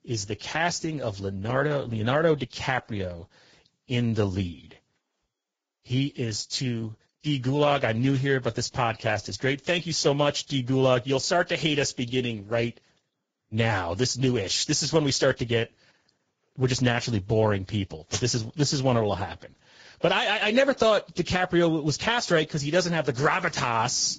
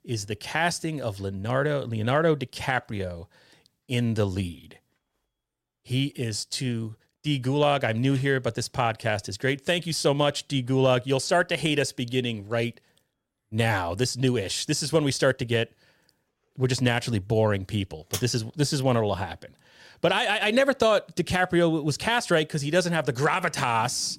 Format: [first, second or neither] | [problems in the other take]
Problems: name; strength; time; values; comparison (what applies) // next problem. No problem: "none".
second | garbled, watery; badly; nothing above 7.5 kHz